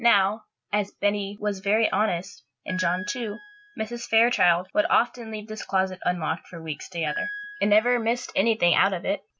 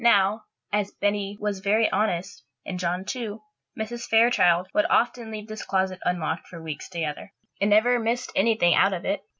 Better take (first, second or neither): second